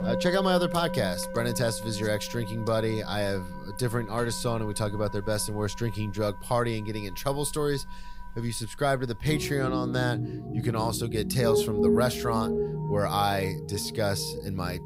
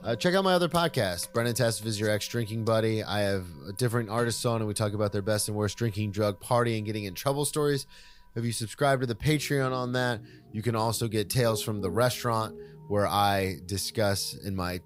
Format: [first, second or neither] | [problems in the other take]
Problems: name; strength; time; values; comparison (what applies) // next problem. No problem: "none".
second | background music; loud; throughout; 4 dB below the speech; faint in the second